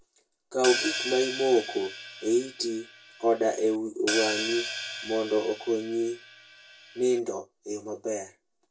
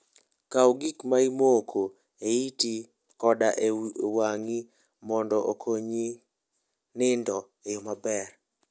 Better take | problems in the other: second | background sound (Hi-hat); 7 dB below the speech // room echo; dies away in 0.2 s

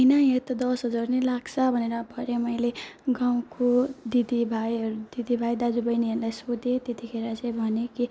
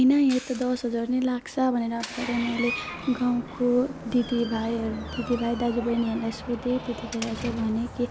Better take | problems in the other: first | background sound (Door); 12 dB below the speech

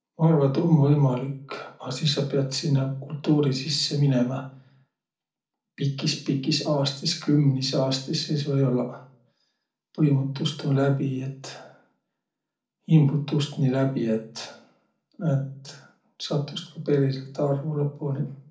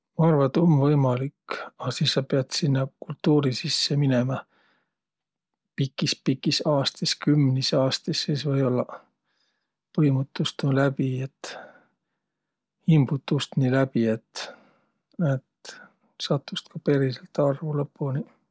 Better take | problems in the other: second | room echo; dies away in 0.3 s

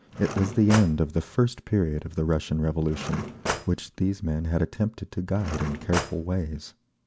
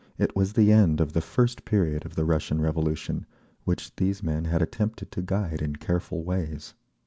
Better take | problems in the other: second | background sound (Cutlery, silverware / Drawer open or close); 8 dB below the speech

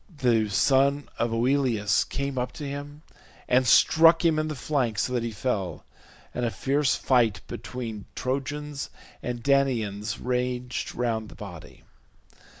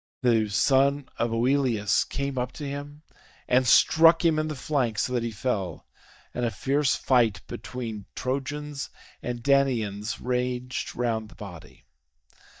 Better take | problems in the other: first | noise reduction (neural mask model DeepFilterNet 3)

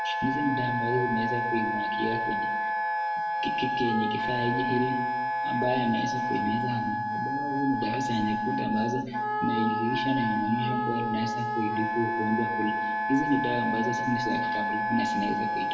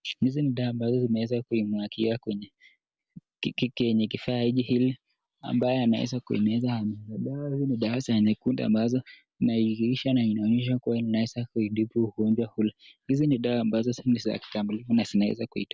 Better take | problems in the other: second | background sound (Wind instrument, woodwind instrument); 1 dB above the speech // room echo; dies away in 0.9 s

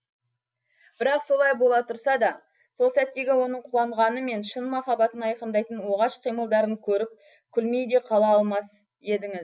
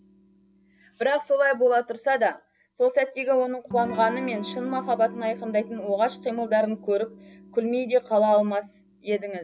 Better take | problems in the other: first | background sound (Electric guitar / Strum); 17 dB below the speech

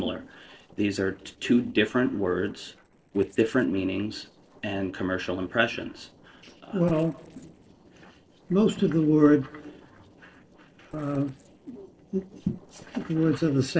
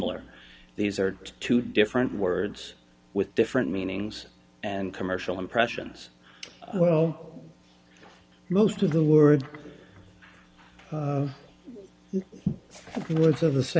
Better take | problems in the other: second | noise reduction (neural separator model SepFormer DNS4)

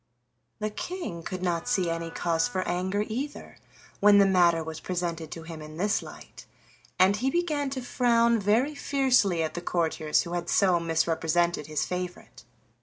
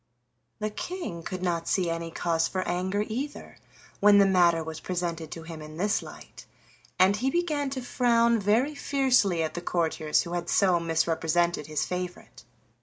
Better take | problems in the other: second | background sound (Wind instrument, woodwind instrument); 20 dB below the speech

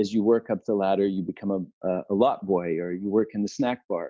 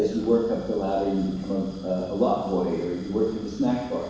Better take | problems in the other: first | background sound (Fire); 19 dB below the speech // room echo; dies away in 1.1 s

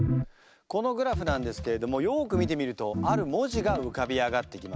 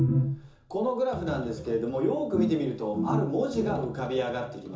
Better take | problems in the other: first | room echo; dies away in 0.7 s

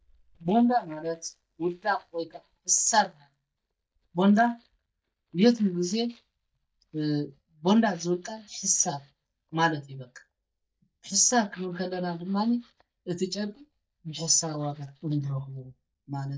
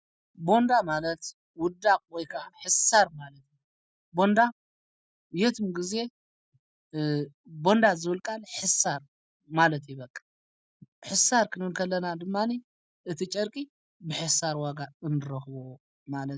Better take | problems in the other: second | noise reduction (neural mask model DeepFilterNet 3)

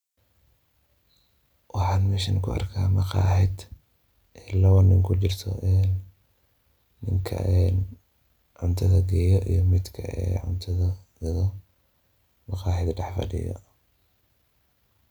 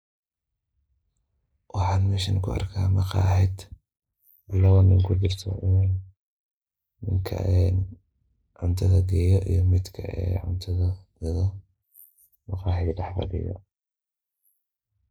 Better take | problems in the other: first | noise reduction (neural mask model Resemble Enhance denoiser)

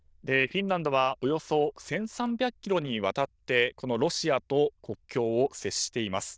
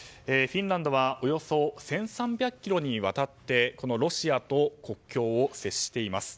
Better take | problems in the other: second | noise reduction (neural diffusion model UNIVERSE++)

